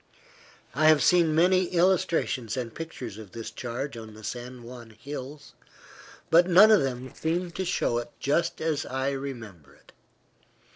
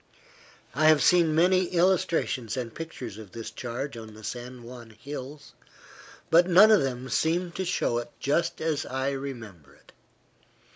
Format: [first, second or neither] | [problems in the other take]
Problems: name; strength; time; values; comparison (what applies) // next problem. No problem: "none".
second | noise reduction (neural separator model SepFormer DNS4)